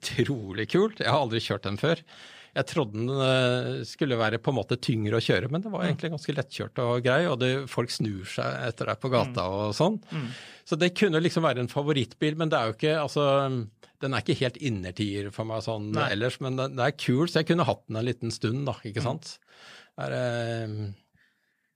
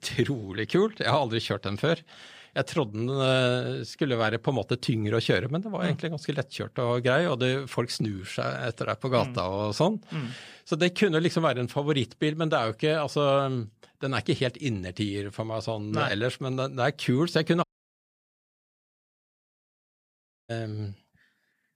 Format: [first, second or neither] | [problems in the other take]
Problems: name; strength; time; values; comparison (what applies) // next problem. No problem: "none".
first | audio cutting out; at 18 s for 3 s